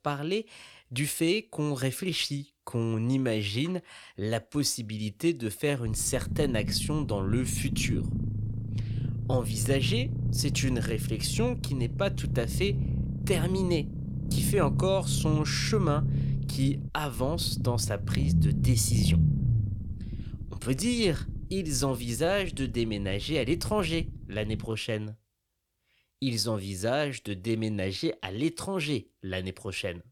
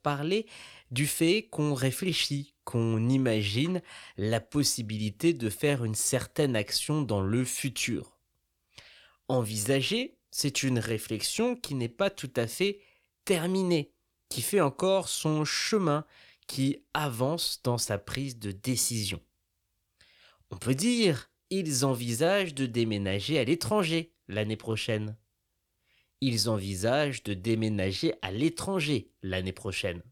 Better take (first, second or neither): second